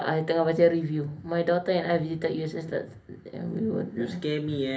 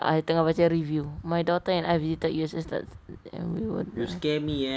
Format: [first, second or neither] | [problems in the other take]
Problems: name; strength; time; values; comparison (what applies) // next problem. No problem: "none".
second | room echo; dies away in 0.3 s